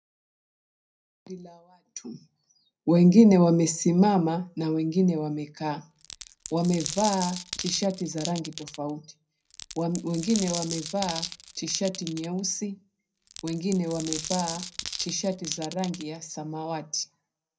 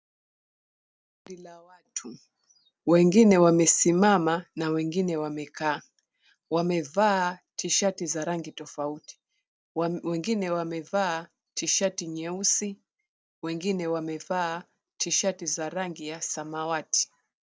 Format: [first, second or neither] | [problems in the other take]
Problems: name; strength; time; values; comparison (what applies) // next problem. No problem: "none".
second | background sound (Glass); 11 dB below the speech // room echo; dies away in 0.3 s